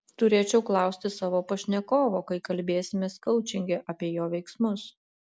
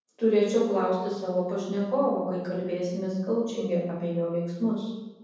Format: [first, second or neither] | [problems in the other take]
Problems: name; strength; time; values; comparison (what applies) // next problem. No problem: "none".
first | room echo; dies away in 1.1 s